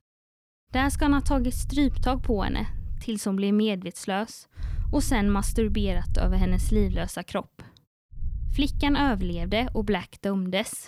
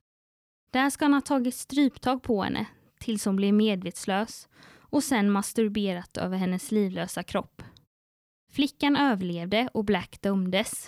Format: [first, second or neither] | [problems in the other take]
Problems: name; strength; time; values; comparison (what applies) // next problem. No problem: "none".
second | low rumble; faint; from 1 to 3 s, from 4.5 to 7 s and from 8 to 10 s; 25 dB below the speech